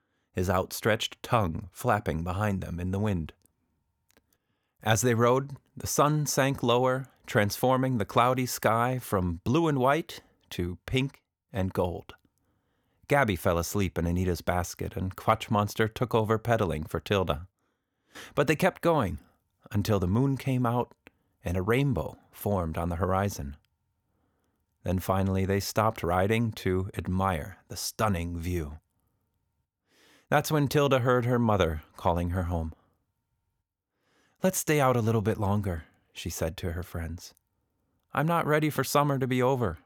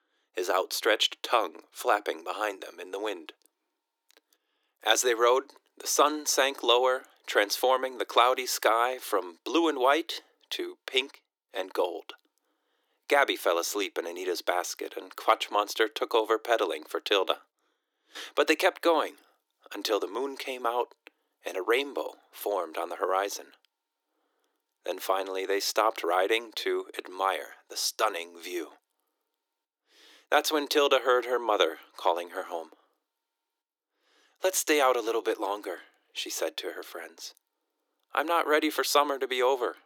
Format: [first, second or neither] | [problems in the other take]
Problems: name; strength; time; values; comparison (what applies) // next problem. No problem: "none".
first | thin; very; fading below 300 Hz